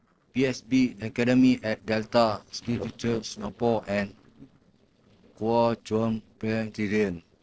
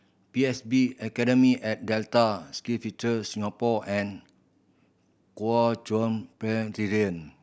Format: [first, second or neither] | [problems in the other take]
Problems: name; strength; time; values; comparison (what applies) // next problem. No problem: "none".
second | noise reduction (neural separator model SepFormer DNS4)